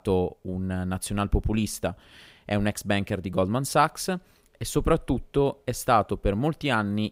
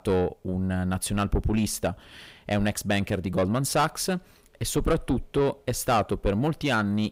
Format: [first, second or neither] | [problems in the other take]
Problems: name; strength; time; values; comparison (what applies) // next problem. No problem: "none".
first | distortion; slight; 10 dB below the speech